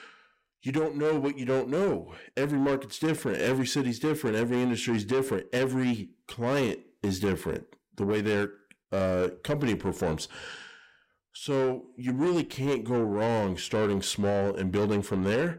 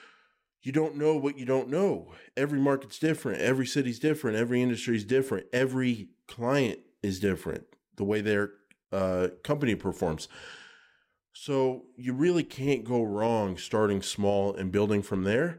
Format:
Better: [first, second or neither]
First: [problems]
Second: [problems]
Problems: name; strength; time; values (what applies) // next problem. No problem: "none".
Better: second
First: distortion; slight; 10 dB below the speech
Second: none